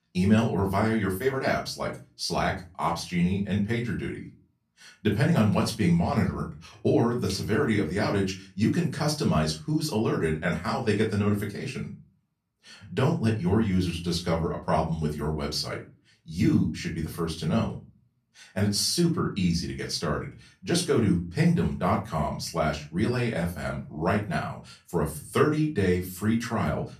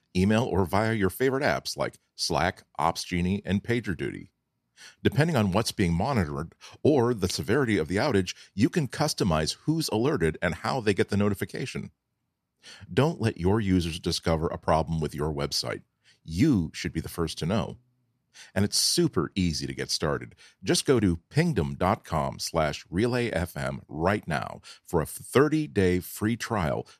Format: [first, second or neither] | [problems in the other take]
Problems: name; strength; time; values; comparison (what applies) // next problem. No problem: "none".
second | off-mic speech; far // room echo; very slight; dies away in 0.3 s